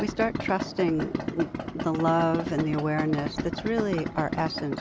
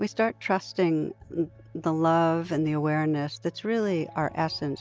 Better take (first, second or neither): second